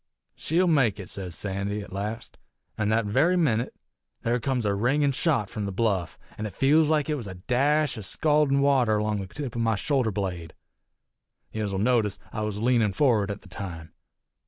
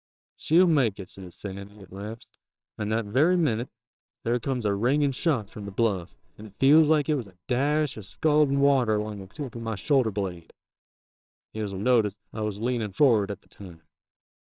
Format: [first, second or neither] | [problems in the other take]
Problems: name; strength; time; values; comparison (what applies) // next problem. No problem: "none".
first | noise reduction (neural separator model SepFormer WHAMR!)